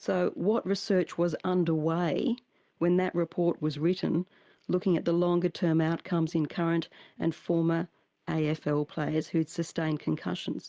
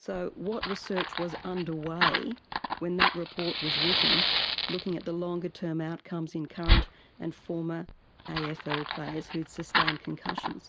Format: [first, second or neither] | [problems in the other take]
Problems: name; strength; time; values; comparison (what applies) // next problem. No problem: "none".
first | background sound (Fire); 3 dB above the speech